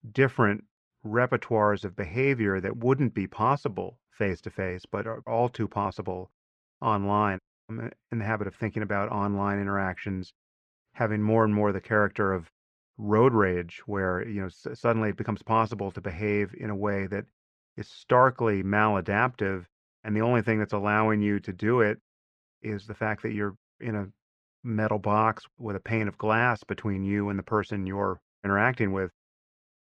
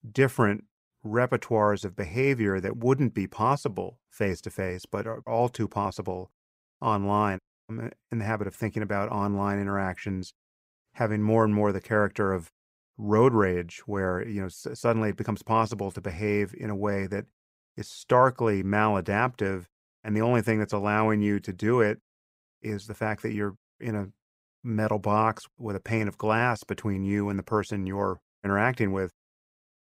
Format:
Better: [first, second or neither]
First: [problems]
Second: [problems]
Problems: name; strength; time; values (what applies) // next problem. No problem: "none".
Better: second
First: muffled; slightly; fading above 3 kHz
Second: none